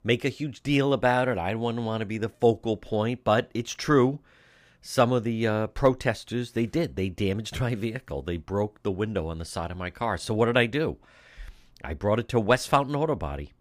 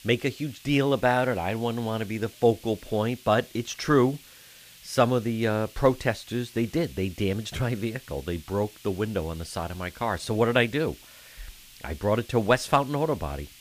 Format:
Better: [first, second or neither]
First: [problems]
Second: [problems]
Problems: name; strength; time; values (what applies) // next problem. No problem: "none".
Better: first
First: none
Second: hiss; faint; throughout; 20 dB below the speech